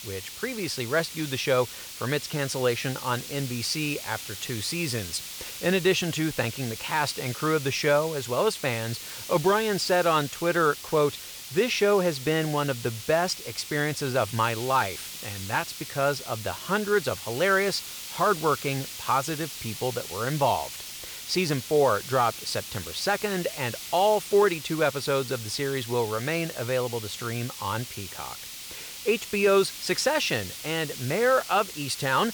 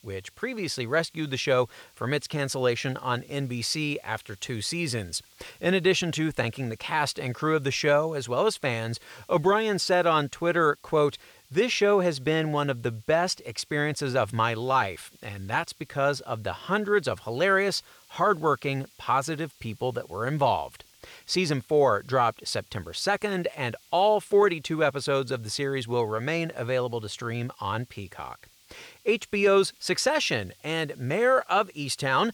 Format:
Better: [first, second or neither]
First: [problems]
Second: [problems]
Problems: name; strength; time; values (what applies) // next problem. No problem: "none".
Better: second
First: hiss; loud; throughout; 10 dB below the speech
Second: hiss; faint; throughout; 30 dB below the speech